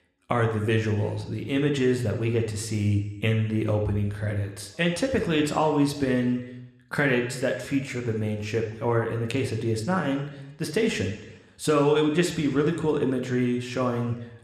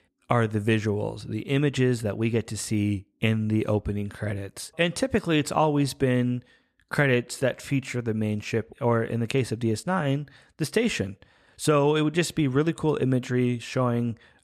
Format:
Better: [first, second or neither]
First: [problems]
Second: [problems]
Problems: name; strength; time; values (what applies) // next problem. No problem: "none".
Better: second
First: room echo; slight; dies away in 1 s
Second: none